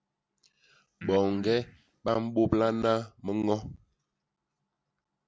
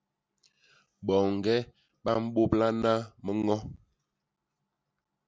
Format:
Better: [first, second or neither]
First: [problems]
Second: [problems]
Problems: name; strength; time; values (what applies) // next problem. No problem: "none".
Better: second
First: background sound (Breathing); 17 dB below the speech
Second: none